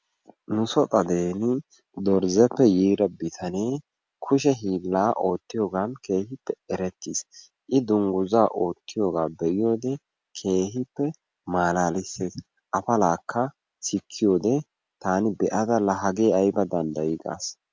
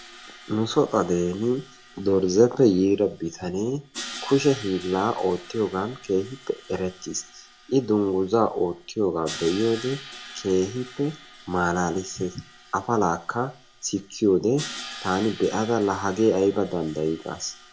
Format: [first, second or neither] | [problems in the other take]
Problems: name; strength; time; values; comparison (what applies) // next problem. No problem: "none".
first | background sound (Crash cymbal); 18 dB below the speech // room echo; dies away in 0.4 s